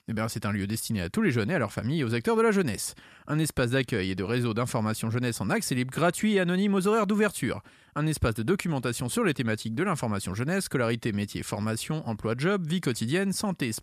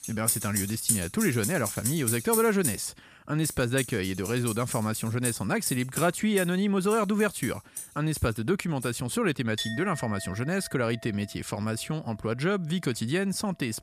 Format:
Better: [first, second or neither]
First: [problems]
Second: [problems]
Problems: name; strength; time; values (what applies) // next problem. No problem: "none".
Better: first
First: none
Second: household noises; loud; throughout; 5 dB below the speech